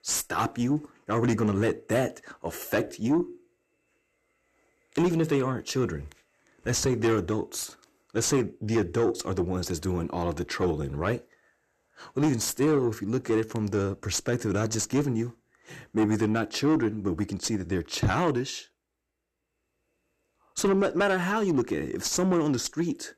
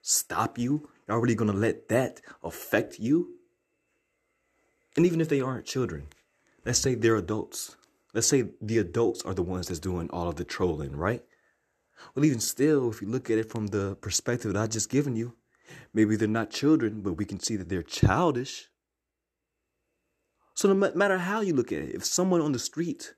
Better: second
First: distortion; slight; 10 dB below the speech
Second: none

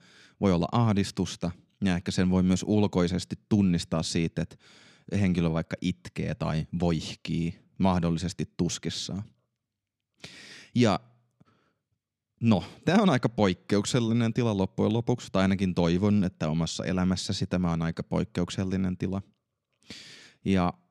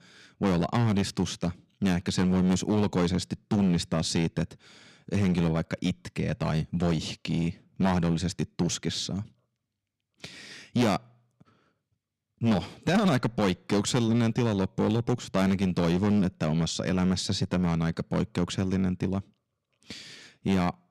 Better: first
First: none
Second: distortion; slight; 7% of the sound clipped

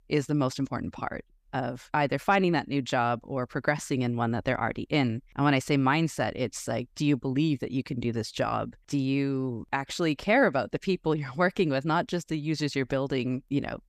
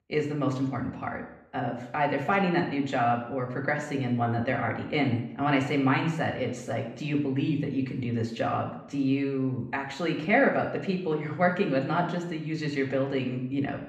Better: first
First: none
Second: room echo; noticeable; dies away in 0.7 s // off-mic speech; far

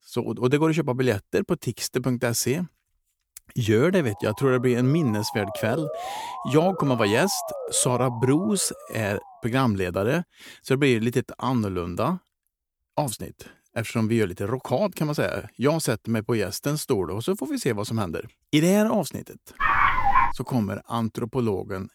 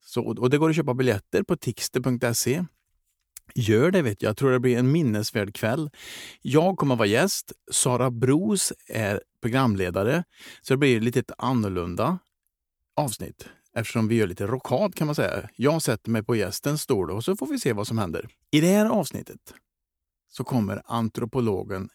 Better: second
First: siren; noticeable; from 4 to 9.5 s; peak 8 dB below the speech // dog barking; loud; at 20 s; peak 5 dB above the speech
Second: none

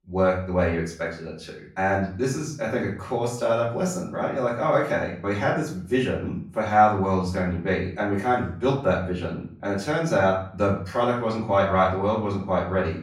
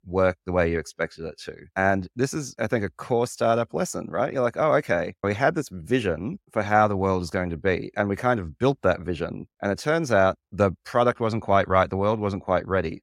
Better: second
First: off-mic speech; far // room echo; slight; dies away in 0.5 s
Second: none

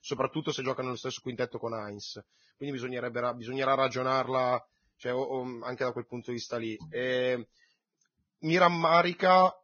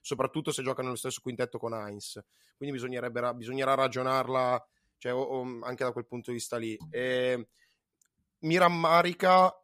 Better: second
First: garbled, watery; badly; nothing above 6.5 kHz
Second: none

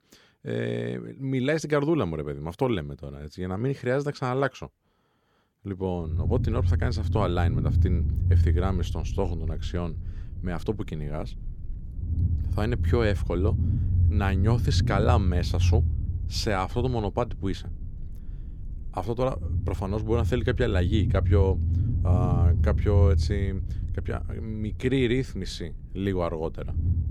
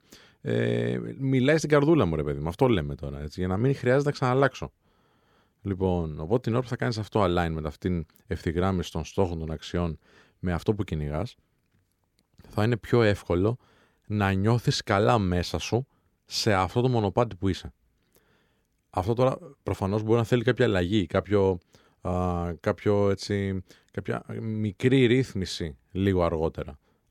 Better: second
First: low rumble; noticeable; from 6 s on; 10 dB below the speech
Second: none

